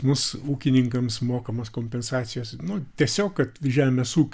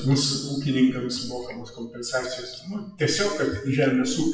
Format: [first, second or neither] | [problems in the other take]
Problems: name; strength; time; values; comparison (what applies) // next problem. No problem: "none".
first | noise reduction (classical method WPE with log-MMSE)